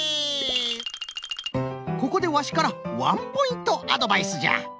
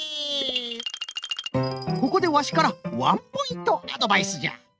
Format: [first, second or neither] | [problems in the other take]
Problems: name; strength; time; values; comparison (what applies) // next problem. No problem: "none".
first | noise reduction (neural mask model RNNoise)